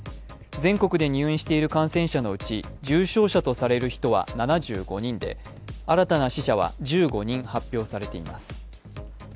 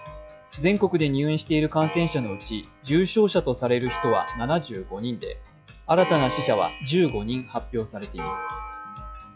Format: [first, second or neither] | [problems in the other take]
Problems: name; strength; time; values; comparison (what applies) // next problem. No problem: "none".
first | noise reduction (classical method log-MMSE)